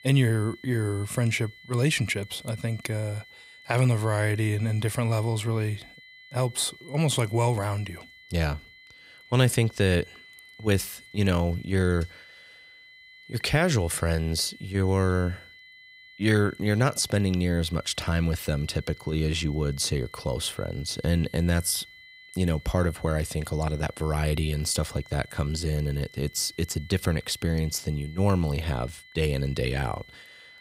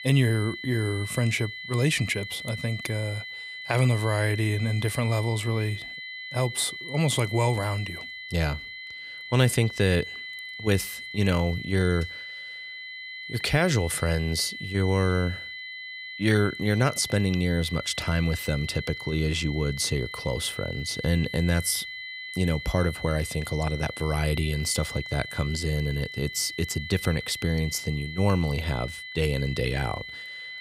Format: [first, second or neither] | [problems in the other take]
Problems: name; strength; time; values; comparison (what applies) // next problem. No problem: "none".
first | high-pitched whine; loud; throughout; 2 kHz, 9 dB below the speech; faint in the first